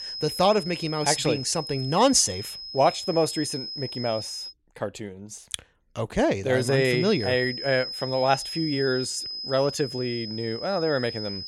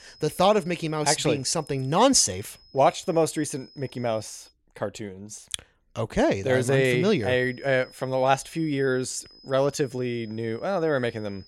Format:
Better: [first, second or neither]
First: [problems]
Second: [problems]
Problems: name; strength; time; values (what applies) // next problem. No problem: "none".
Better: second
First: high-pitched whine; loud; until 4.5 s and from 6.5 s on; 5 kHz, 8 dB below the speech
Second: high-pitched whine; faint; until 4.5 s and from 6.5 s on; 5 kHz, 25 dB below the speech